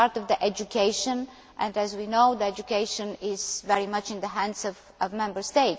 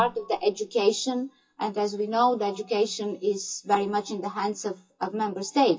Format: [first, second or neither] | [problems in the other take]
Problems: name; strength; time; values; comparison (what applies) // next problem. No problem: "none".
first | noise reduction (classical method WPE with log-MMSE)